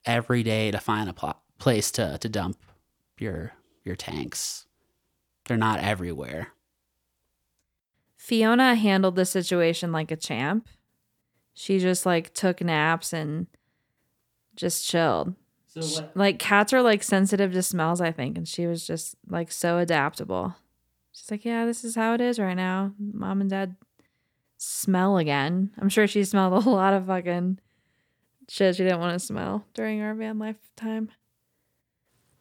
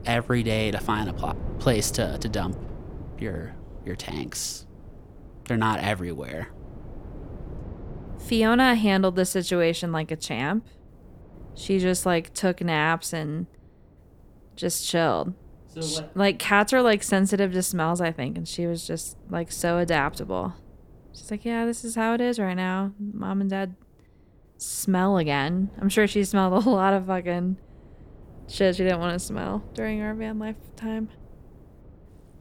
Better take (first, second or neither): first